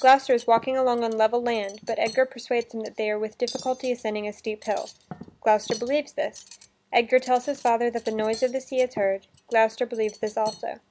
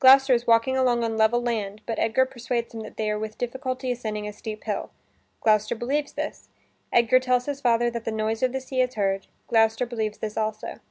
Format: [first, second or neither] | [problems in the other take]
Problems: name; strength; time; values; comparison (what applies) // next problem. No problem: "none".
second | background sound (Cutlery, silverware); 20 dB below the speech